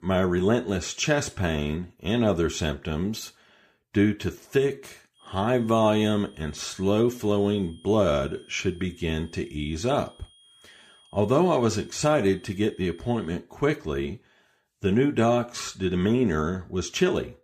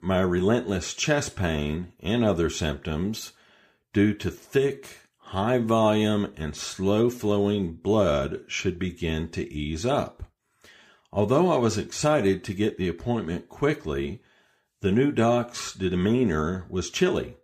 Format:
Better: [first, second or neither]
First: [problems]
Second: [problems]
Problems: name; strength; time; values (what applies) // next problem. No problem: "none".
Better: second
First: high-pitched whine; faint; from 5 to 13 s; 3 kHz, 30 dB below the speech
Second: none